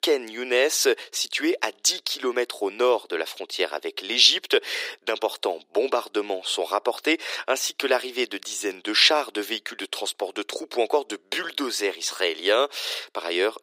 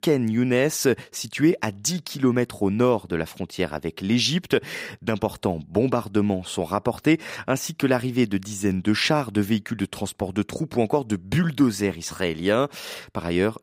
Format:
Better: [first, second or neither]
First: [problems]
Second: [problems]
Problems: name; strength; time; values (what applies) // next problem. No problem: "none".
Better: second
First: thin; very; fading below 350 Hz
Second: none